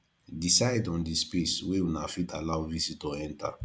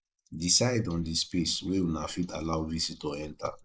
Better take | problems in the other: first | noise reduction (neural mask model Resemble Enhance denoiser)

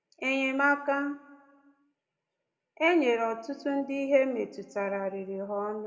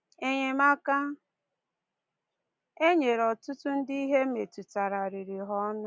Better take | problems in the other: second | room echo; dies away in 1.2 s

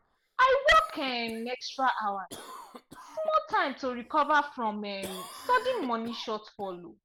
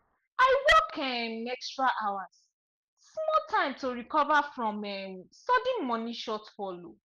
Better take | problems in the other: second | background sound (Cough); 20 dB below the speech

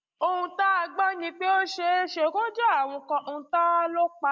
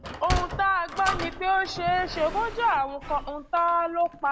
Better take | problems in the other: first | background sound (Sliding door); 8 dB below the speech

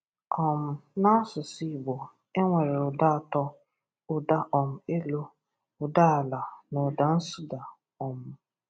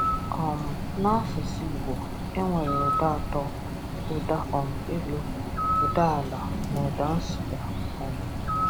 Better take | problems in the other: first | background sound (Bird); 1 dB above the speech

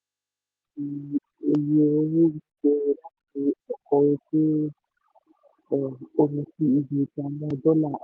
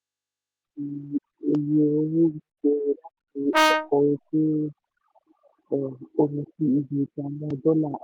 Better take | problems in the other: first | background sound (Brass instrument); 2 dB above the speech

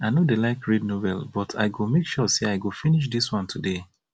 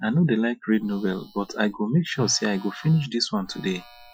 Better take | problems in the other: first | noise reduction (classical method Wiener filter)

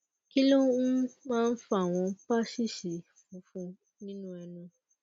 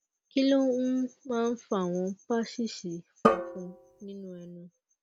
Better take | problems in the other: first | background sound (Drum); as loud as the speech

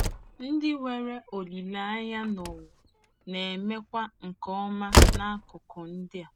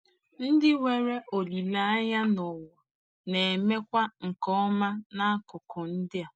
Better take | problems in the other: second | background sound (Slam); 5 dB above the speech

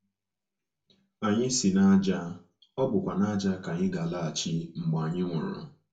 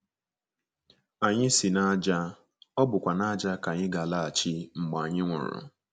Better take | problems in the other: second | room echo; dies away in 0.3 s

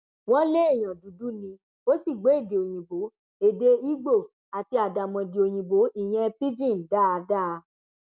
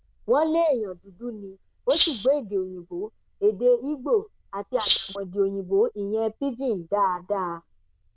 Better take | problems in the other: first | noise reduction (neural diffusion model UNIVERSE++)

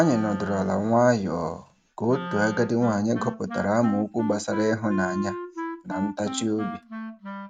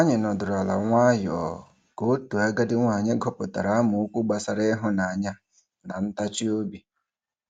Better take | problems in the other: second | background sound (Wind instrument, woodwind instrument); 10 dB below the speech

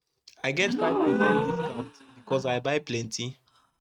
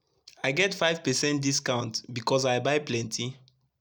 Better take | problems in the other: second | noise reduction (neural mask model RNNoise)

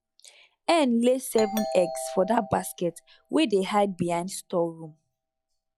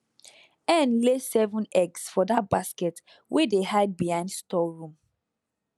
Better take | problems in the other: second | noise reduction (classical method log-MMSE)

